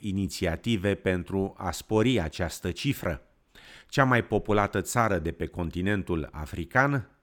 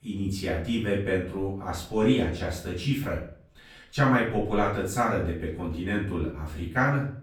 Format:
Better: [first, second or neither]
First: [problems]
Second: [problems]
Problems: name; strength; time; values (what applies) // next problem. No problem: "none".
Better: first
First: none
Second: off-mic speech; far // room echo; noticeable; dies away in 0.4 s